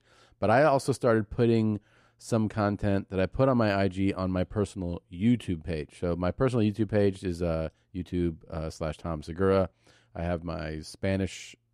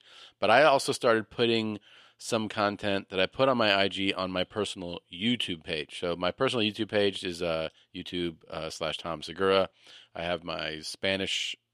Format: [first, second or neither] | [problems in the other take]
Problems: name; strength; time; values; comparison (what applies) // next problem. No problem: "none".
first | thin; somewhat; fading below 1 kHz